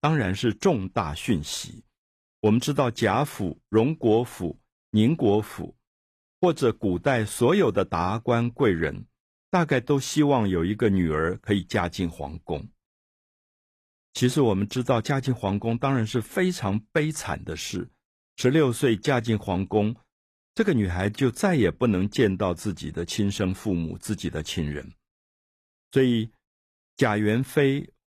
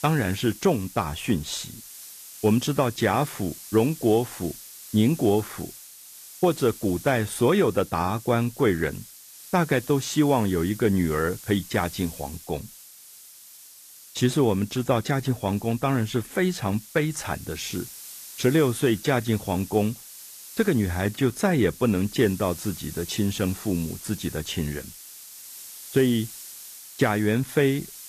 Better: first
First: none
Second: hiss; noticeable; throughout; 15 dB below the speech

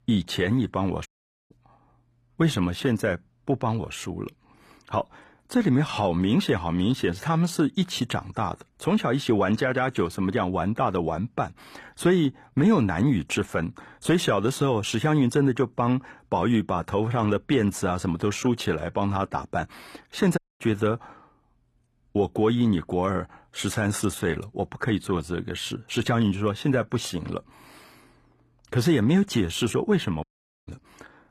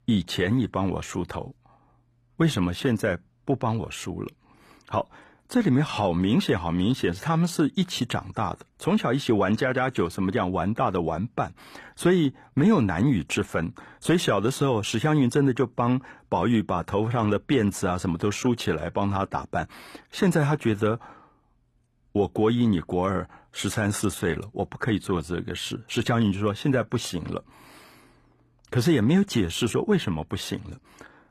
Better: second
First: audio cutting out; at 1 s, at 20 s and at 30 s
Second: none

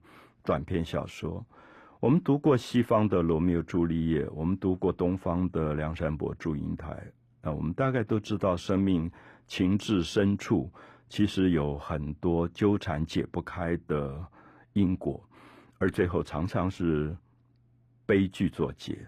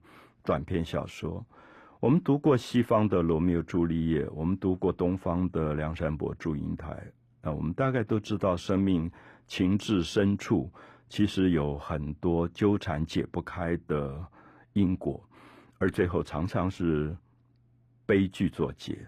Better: neither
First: muffled; slightly; fading above 3 kHz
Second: muffled; slightly; fading above 3 kHz

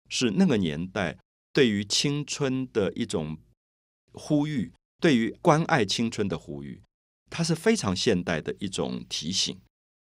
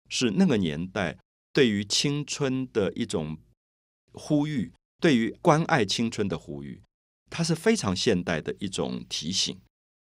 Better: neither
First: none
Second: none

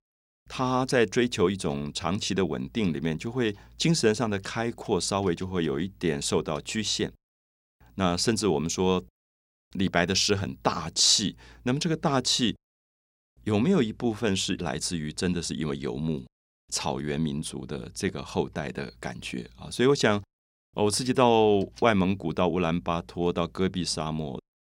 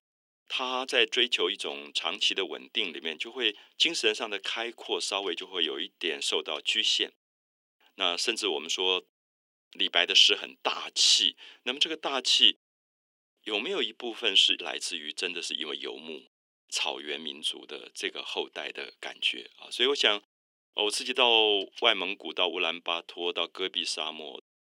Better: first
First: none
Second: thin; somewhat; fading below 300 Hz

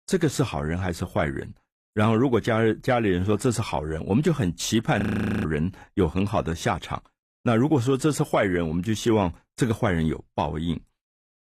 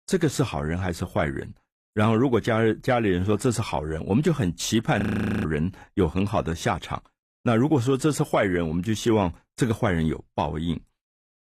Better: neither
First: audio freezing; at 5 s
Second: audio freezing; at 5 s

